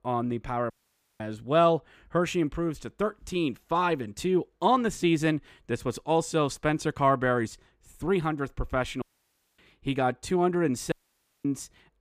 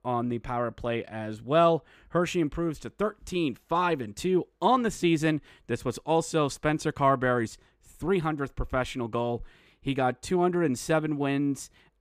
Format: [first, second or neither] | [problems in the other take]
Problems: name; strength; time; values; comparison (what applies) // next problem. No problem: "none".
second | audio cutting out; at 0.5 s for 0.5 s, at 9 s for 0.5 s and at 11 s for 0.5 s